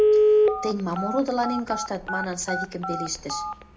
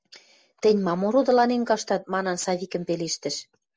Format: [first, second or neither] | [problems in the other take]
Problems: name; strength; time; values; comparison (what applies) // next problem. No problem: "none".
second | background sound (Telephone); 5 dB above the speech // room echo; dies away in 0.2 s